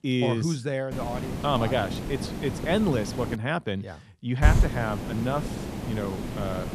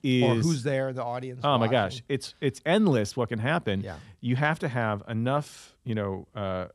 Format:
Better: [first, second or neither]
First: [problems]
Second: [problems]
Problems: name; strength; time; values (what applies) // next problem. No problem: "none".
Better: second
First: hiss; loud; from 1 to 3.5 s and from 4.5 s on; 2 dB below the speech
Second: none